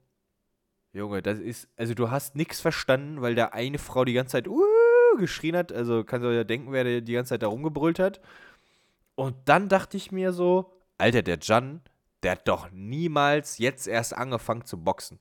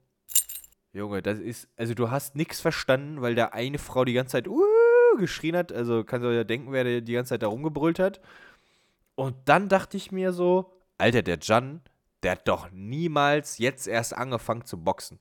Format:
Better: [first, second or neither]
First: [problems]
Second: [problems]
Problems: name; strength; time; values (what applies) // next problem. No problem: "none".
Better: first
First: none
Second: jangling keys; loud; at 0.5 s; peak 2 dB above the speech